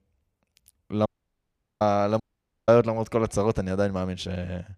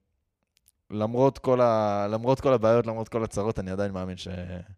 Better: second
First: audio cutting out; at 1 s for 1 s and at 2 s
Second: none

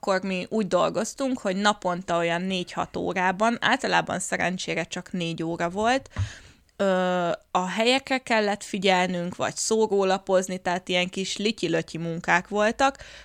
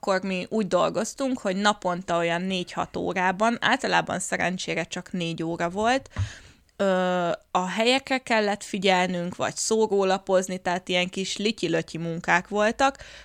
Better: neither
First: none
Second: none

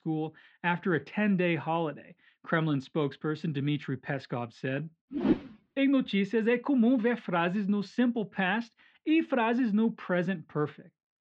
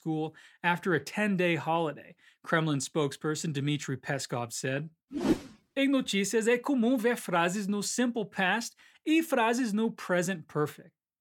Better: second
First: muffled; very; fading above 3.5 kHz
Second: none

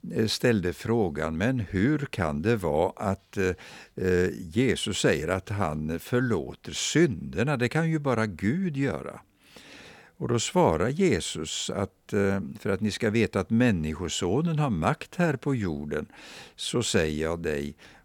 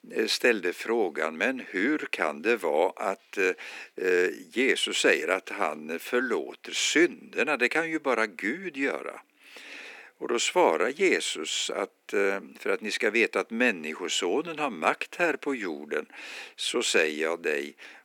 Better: first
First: none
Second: thin; somewhat; fading below 300 Hz

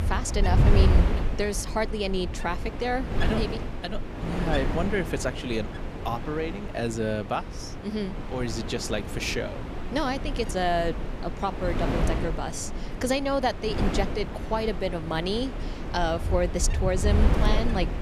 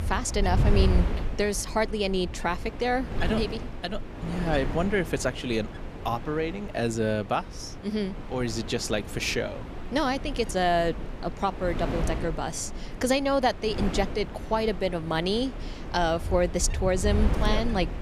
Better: second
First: wind noise on the microphone; heavy; 6 dB below the speech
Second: wind noise on the microphone; occasional gusts; 10 dB below the speech

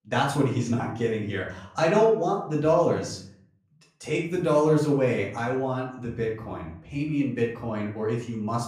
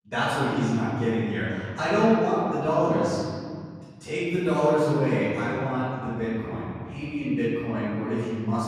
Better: first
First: room echo; slight; dies away in 0.5 s // off-mic speech; far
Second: room echo; strong; dies away in 2.2 s // off-mic speech; far

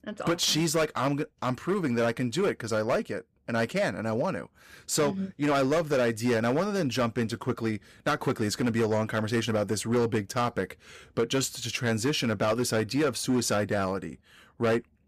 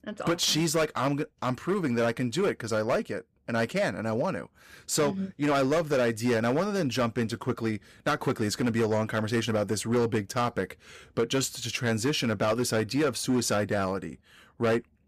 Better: neither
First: distortion; slight; 8% of the sound clipped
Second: distortion; slight; 8% of the sound clipped

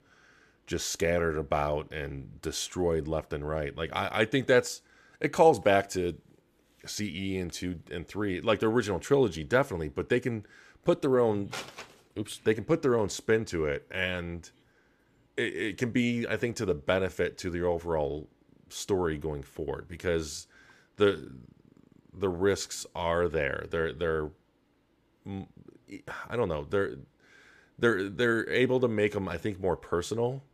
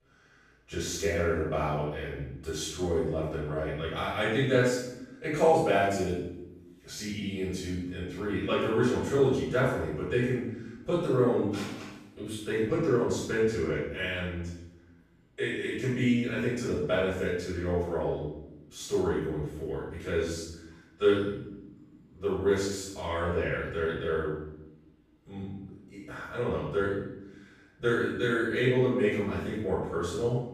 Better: first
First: none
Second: room echo; strong; dies away in 0.8 s // off-mic speech; far

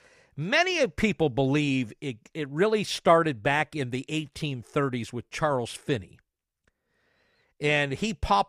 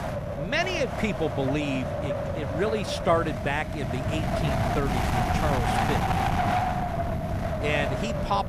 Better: first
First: none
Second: wind noise on the microphone; heavy; as loud as the speech

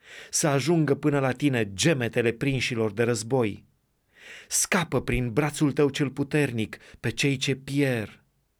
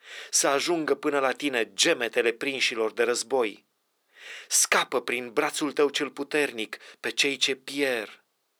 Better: first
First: none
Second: thin; somewhat; fading below 400 Hz

